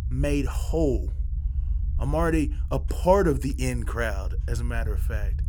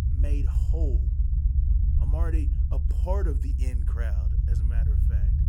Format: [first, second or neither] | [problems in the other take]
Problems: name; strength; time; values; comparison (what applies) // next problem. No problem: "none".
first | low rumble; loud; throughout; 3 dB below the speech; faint in the first